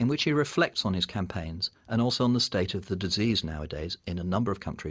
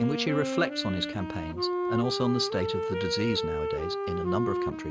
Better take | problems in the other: first | background sound (Wind instrument, woodwind instrument); 1 dB below the speech

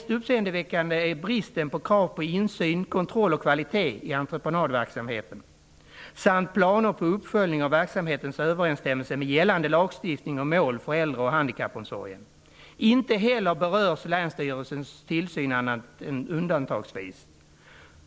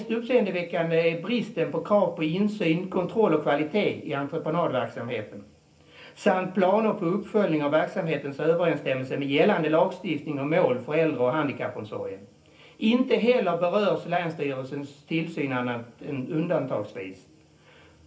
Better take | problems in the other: first | room echo; dies away in 0.3 s

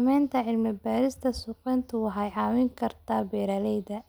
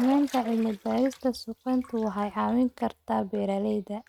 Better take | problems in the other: first | noise reduction (neural mask model RNNoise)

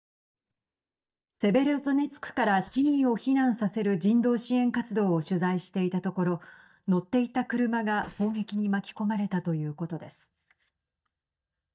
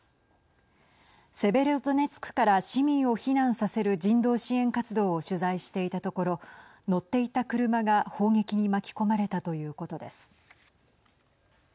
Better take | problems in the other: second | noise reduction (neural mask model DeepFilterNet 3)

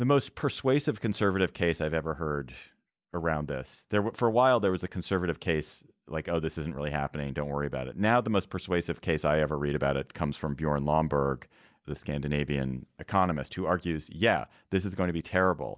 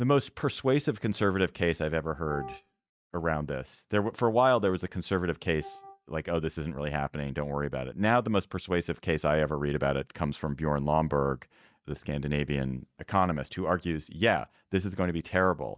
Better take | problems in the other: first | noise reduction (neural mask model RNNoise)

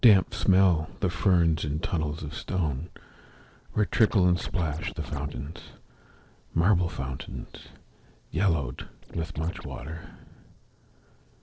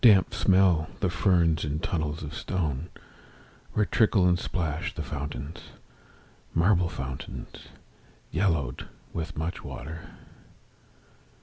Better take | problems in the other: second | noise reduction (neural separator model SepFormer DNS4)

